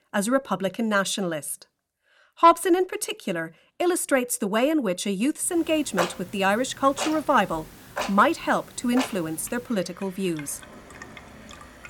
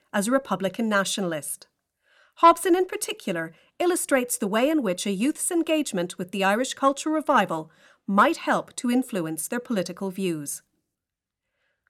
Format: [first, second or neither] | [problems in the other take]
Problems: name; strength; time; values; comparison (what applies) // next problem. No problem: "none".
second | household noises; noticeable; from 5.5 s on; 10 dB below the speech